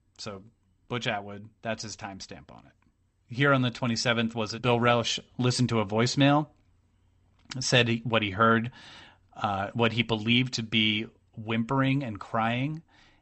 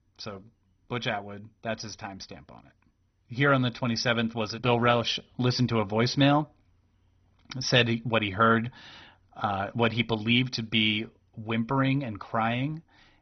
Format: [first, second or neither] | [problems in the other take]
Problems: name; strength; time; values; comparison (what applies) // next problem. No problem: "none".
first | garbled, watery; badly; nothing above 6 kHz; slightly in the first